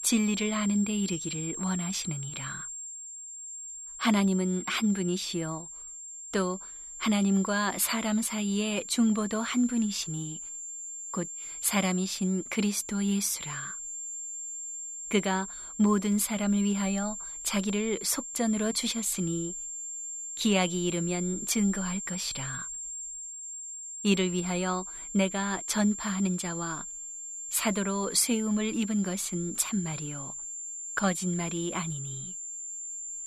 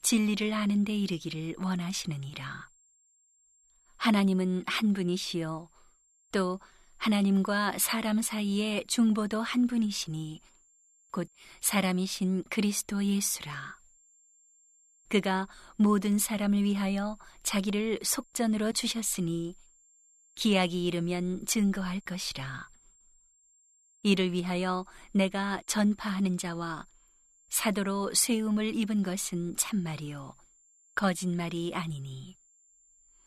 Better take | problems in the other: second | high-pitched whine; loud; throughout; 7.5 kHz, 8 dB below the speech; faint in the second

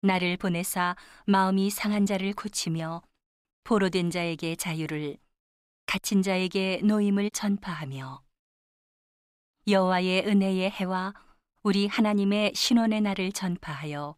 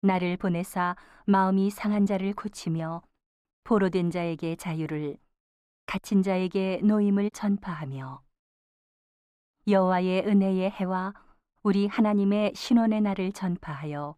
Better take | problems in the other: first | muffled; slightly; fading above 2 kHz

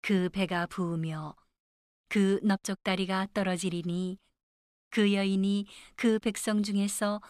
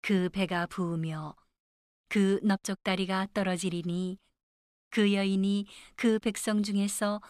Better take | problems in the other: neither | none

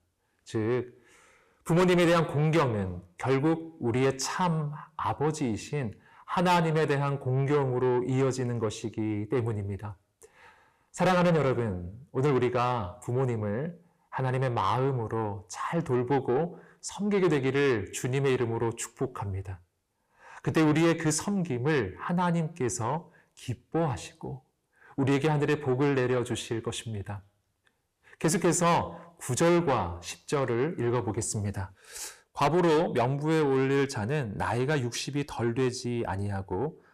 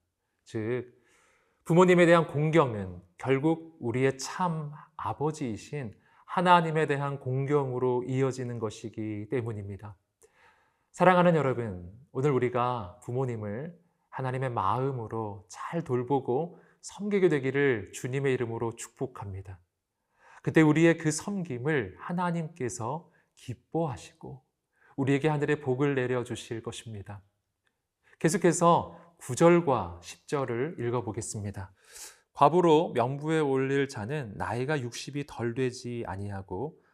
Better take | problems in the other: second | distortion; heavy; 7 dB below the speech

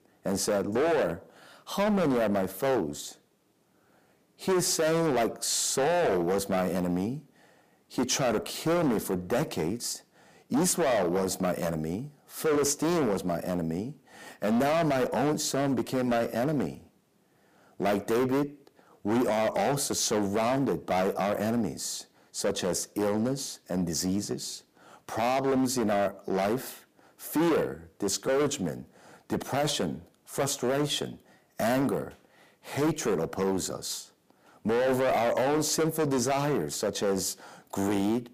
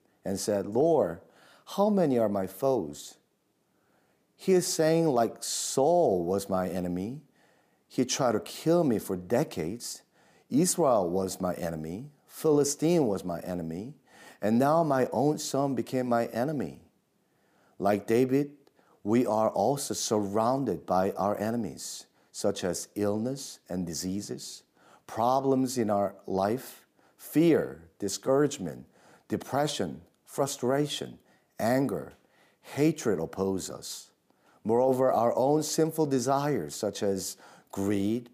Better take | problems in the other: second | distortion; heavy; 14% of the sound clipped

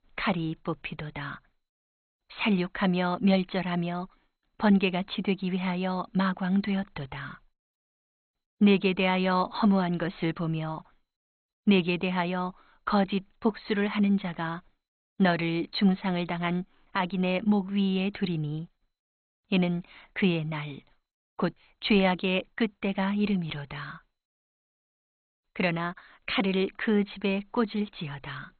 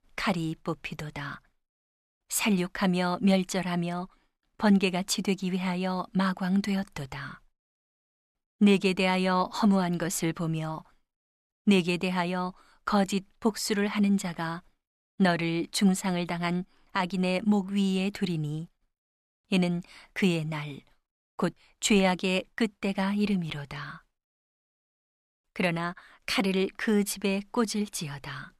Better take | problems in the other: second | garbled, watery; badly; nothing above 4 kHz

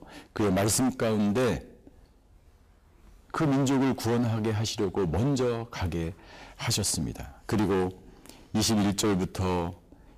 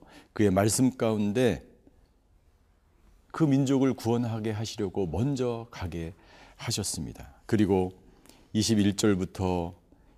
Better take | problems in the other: second | distortion; heavy; 17% of the sound clipped

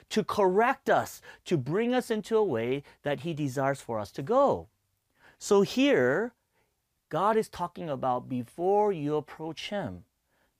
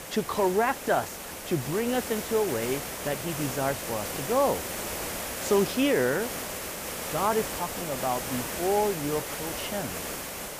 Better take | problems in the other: first | hiss; loud; throughout; 5 dB below the speech

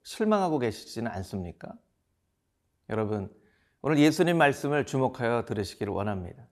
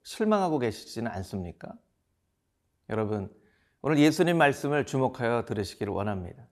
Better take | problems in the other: neither | none

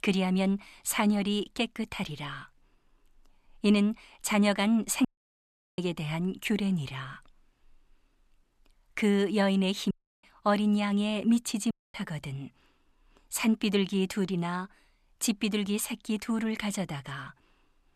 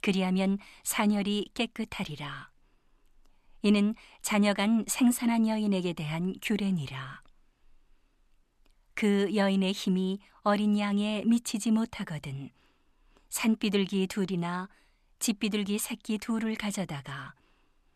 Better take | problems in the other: second | audio cutting out; at 5 s for 0.5 s, at 10 s and at 12 s

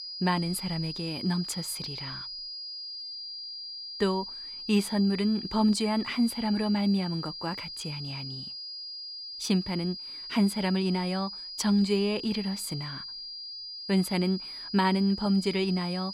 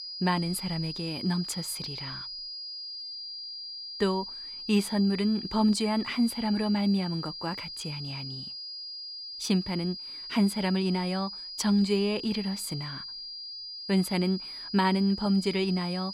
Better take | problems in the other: neither | high-pitched whine; loud; throughout; 5 kHz, 8 dB below the speech; the same in both

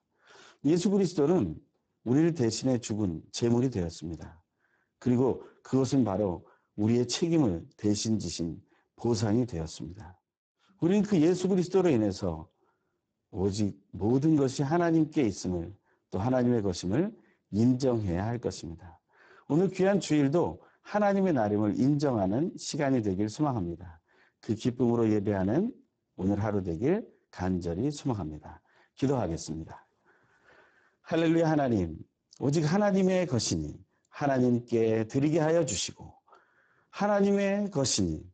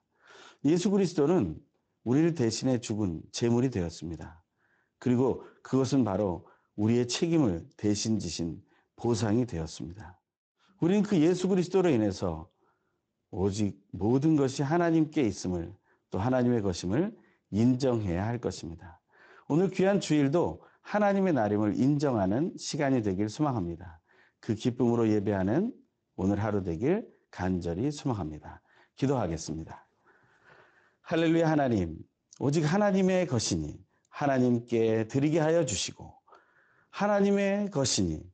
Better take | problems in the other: second | garbled, watery; badly; nothing above 8 kHz; slightly in the second

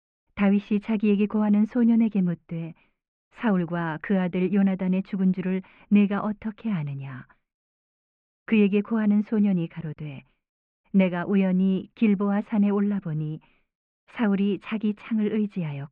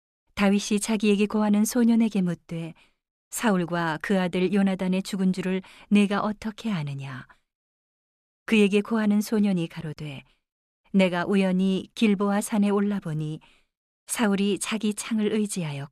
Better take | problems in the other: second | muffled; very; fading above 2.5 kHz

